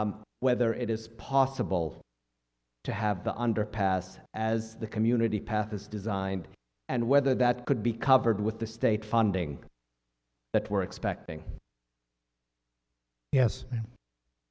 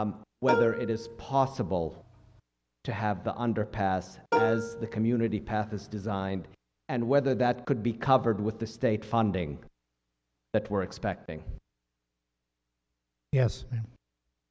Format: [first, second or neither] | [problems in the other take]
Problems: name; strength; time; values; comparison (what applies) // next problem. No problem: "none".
first | background sound (Plucked string instrument); 3 dB below the speech